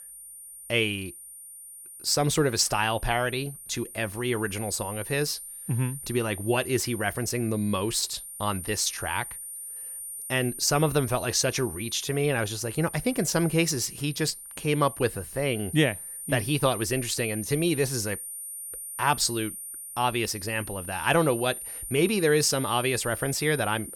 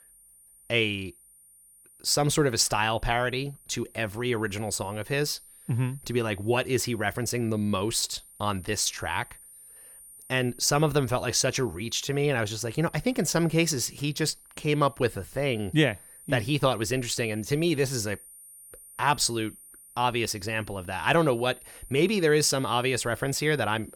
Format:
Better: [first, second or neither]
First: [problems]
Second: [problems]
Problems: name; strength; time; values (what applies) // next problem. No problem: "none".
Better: second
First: high-pitched whine; loud; throughout; 9.5 kHz, 10 dB below the speech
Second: high-pitched whine; faint; throughout; 9.5 kHz, 20 dB below the speech